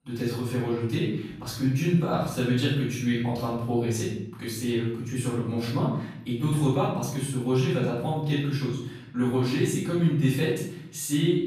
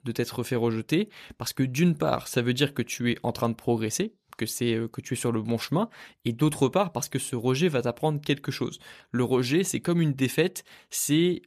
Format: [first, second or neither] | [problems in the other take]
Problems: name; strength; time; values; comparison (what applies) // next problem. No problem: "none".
second | off-mic speech; far // room echo; noticeable; dies away in 0.9 s